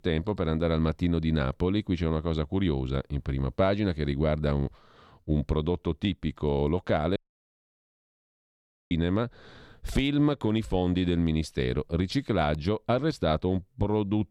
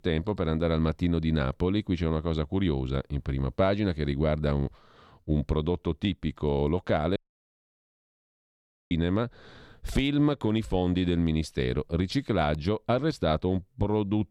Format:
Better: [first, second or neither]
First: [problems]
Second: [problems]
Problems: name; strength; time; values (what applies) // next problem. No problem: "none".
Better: neither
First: audio cutting out; at 7 s for 2 s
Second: audio cutting out; at 7 s for 2 s